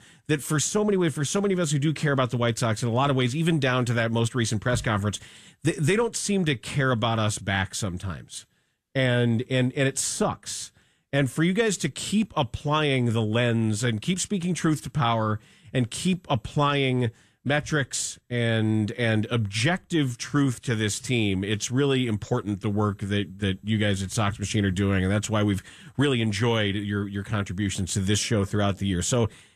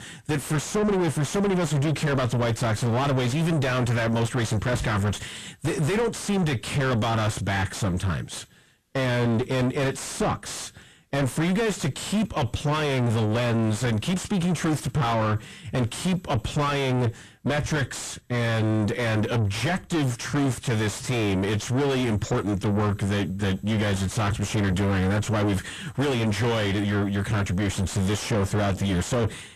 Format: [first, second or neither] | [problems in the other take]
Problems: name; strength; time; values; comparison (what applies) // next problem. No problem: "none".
first | distortion; heavy; 6 dB below the speech